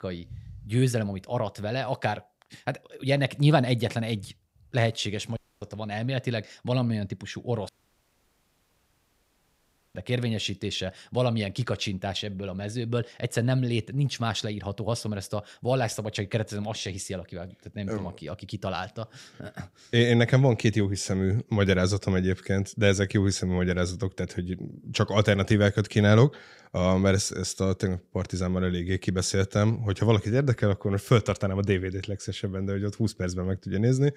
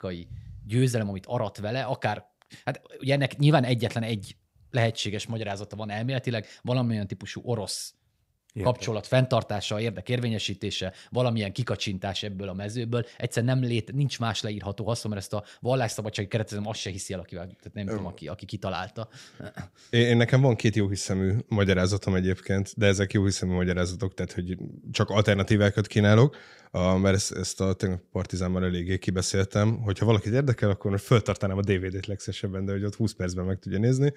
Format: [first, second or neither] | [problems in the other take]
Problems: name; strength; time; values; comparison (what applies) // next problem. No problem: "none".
second | audio cutting out; at 5.5 s and at 7.5 s for 2.5 s